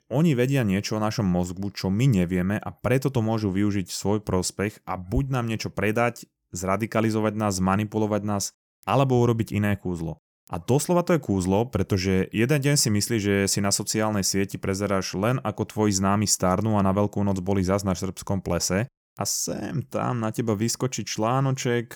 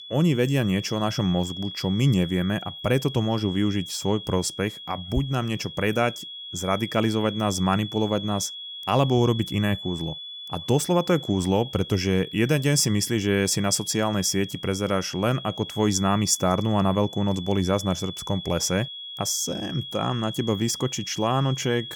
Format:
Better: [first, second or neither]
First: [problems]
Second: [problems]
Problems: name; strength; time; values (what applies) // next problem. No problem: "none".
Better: first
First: none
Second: high-pitched whine; noticeable; throughout; 3.5 kHz, 10 dB below the speech